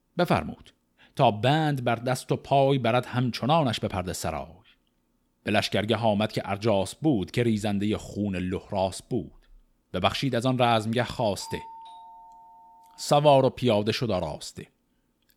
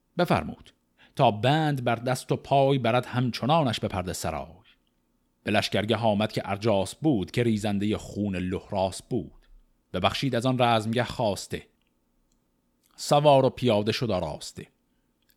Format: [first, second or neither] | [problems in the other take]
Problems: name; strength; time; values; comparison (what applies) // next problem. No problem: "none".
second | doorbell; faint; from 11 to 13 s; peak 15 dB below the speech